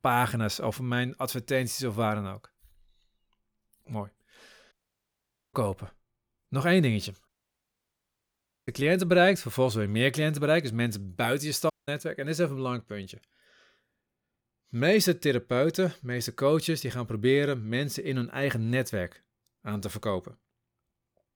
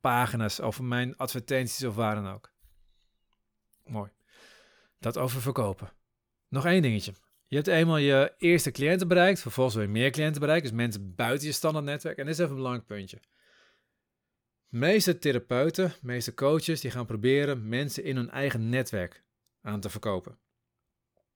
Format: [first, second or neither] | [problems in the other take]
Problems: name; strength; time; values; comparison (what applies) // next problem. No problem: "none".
second | audio cutting out; at 4.5 s for 1 s, at 7.5 s for 1.5 s and at 12 s